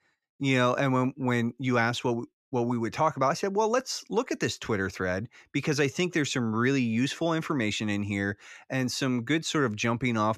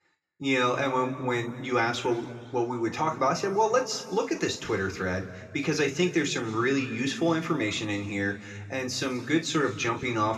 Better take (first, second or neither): first